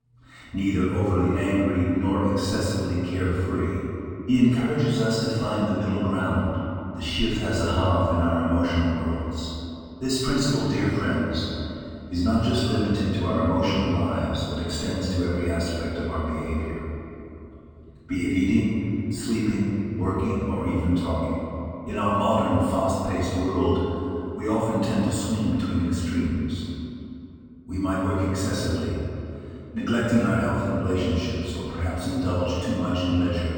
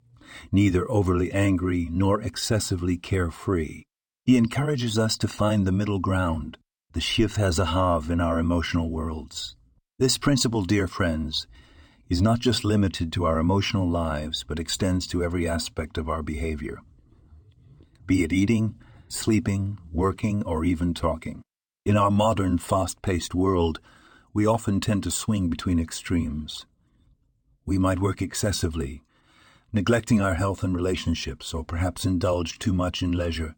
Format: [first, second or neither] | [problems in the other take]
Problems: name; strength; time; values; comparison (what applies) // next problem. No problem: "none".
second | off-mic speech; far // room echo; strong; dies away in 2.6 s